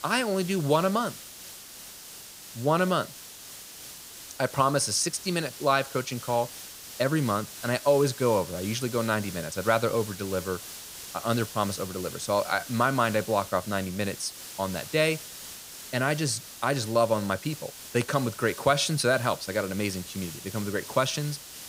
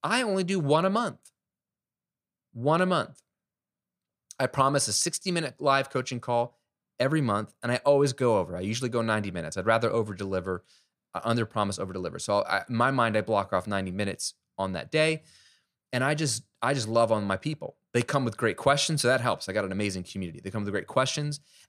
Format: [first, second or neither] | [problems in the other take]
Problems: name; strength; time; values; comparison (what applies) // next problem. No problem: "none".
second | hiss; noticeable; throughout; 15 dB below the speech